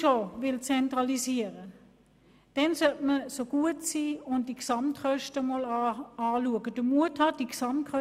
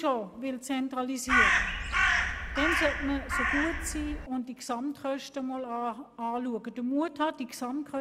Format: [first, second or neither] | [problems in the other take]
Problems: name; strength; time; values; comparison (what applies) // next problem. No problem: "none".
first | background sound (Crow); 5 dB above the speech